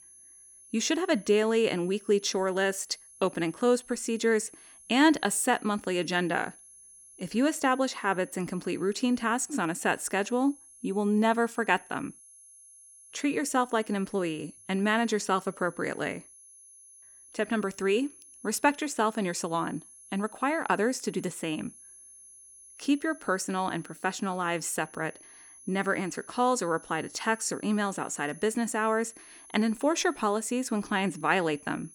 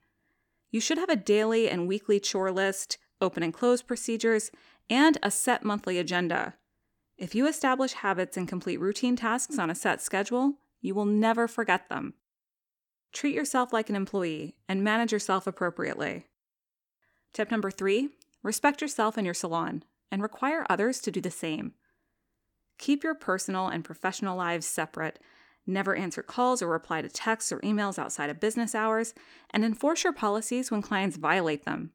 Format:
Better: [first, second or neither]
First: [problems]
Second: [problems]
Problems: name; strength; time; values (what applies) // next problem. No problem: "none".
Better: second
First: high-pitched whine; faint; throughout; 10.5 kHz, 20 dB below the speech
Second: none